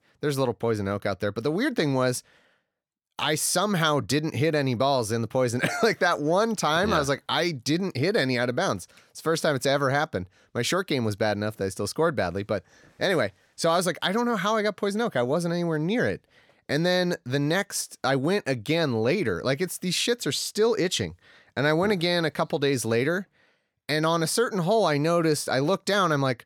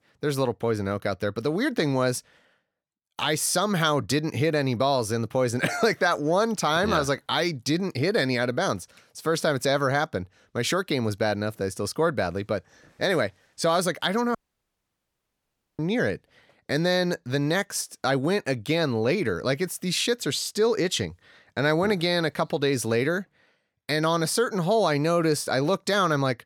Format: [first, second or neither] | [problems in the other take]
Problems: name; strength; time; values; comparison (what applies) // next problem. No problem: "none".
first | audio cutting out; at 14 s for 1.5 s